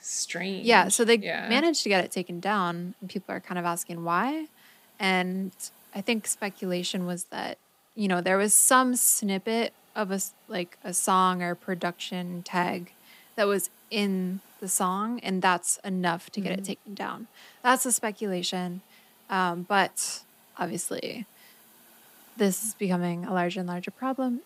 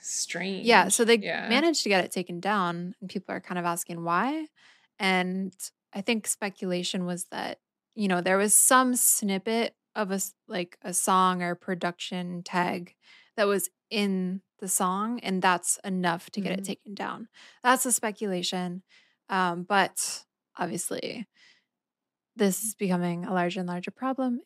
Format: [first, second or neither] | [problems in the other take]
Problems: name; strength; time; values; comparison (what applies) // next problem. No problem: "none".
second | hiss; faint; throughout; 30 dB below the speech